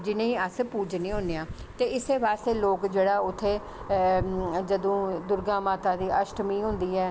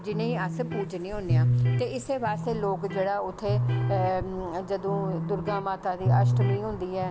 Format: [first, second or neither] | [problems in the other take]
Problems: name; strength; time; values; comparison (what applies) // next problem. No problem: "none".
first | background sound (Electric guitar); 2 dB above the speech